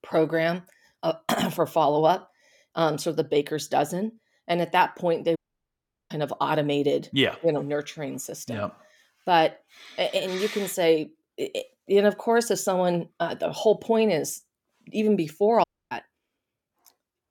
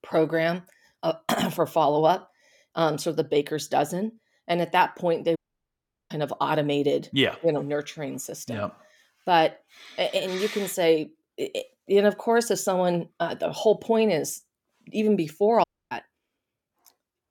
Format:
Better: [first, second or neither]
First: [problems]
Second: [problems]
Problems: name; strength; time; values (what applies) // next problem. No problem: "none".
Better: neither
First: audio cutting out; at 5.5 s for 0.5 s and at 16 s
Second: audio cutting out; at 5.5 s for 0.5 s and at 16 s